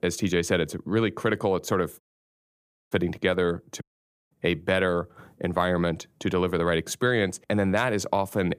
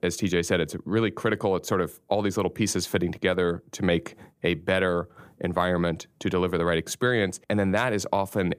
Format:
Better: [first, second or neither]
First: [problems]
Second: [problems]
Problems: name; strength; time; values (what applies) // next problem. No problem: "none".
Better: second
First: audio cutting out; at 2 s for 1 s and at 4 s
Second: none